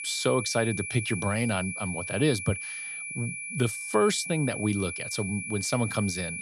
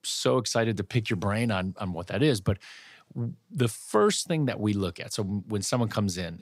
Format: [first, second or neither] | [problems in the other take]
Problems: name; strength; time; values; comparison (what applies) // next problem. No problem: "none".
second | high-pitched whine; loud; throughout; 2.5 kHz, 5 dB below the speech